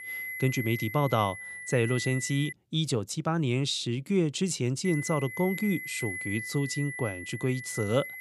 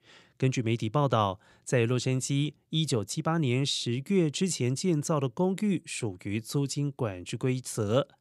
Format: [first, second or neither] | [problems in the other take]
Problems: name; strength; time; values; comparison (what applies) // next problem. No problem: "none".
second | high-pitched whine; loud; until 2.5 s and from 5 s on; 2 kHz, 7 dB below the speech